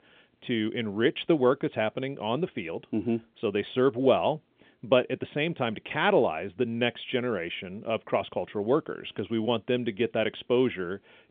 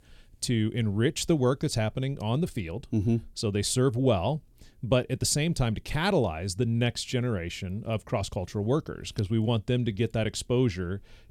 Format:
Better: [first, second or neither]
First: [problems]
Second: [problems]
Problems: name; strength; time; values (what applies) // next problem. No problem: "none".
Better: second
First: phone-call audio; nothing above 3.5 kHz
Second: none